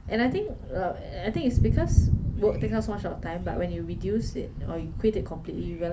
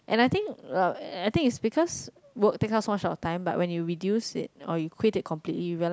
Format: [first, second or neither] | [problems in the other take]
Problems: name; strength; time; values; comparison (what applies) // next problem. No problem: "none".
second | background sound (Thunder); as loud as the speech // room echo; dies away in 0.3 s